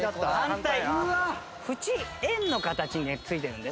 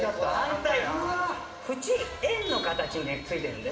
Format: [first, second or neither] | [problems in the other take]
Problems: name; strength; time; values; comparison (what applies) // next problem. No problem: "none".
first | room echo; dies away in 0.9 s